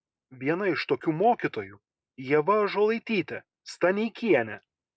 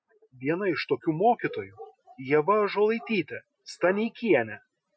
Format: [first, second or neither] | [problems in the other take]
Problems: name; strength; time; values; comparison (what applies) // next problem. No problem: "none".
first | noise reduction (classical method Wiener filter)